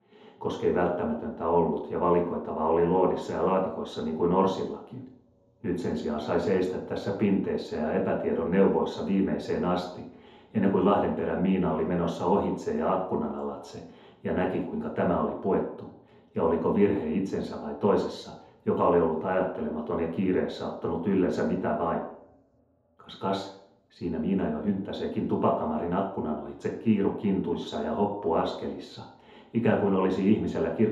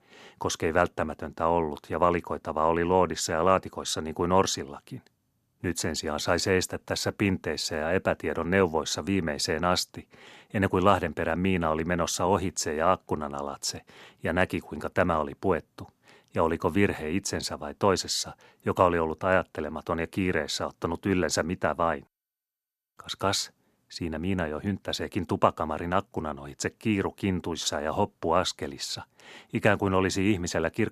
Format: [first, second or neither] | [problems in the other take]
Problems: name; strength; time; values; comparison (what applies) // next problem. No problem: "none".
second | room echo; noticeable; dies away in 2.1 s // off-mic speech; far